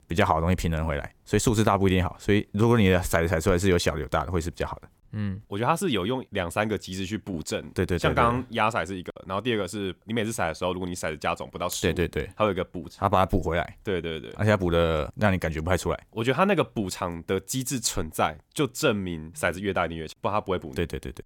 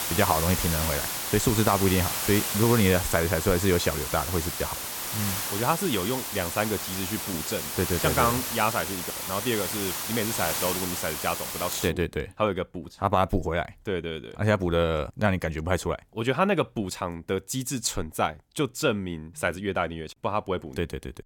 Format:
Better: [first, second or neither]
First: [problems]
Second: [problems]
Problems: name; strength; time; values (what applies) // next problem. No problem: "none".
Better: first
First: none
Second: hiss; loud; until 12 s; 2 dB below the speech